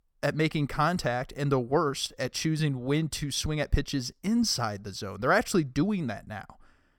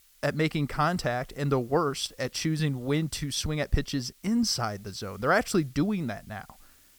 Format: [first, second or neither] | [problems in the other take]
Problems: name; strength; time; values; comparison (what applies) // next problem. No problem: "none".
first | hiss; faint; throughout; 30 dB below the speech